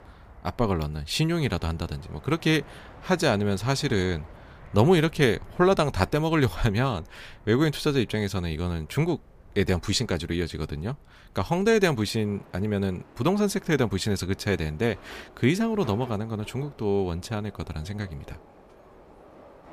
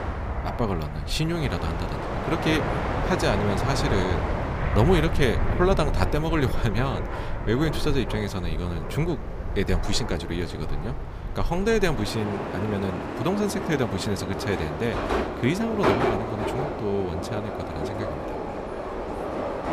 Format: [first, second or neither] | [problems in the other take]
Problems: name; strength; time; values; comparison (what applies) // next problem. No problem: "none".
first | train or aircraft noise; loud; throughout; 2 dB below the speech; faint in the first